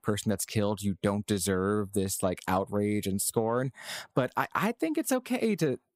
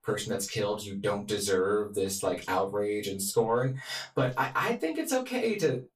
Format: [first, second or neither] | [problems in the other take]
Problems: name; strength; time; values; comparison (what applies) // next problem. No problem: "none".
first | room echo; slight; dies away in 0.2 s // off-mic speech; far